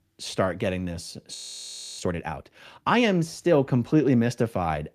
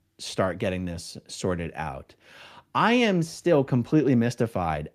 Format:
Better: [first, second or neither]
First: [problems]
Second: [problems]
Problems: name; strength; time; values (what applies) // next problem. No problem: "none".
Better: second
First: audio freezing; at 1.5 s for 0.5 s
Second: none